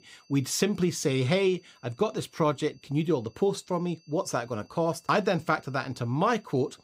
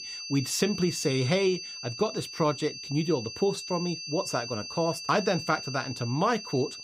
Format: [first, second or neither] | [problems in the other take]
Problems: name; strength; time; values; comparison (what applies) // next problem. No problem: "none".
first | high-pitched whine; loud; throughout; 4.5 kHz, 8 dB below the speech; faint in the first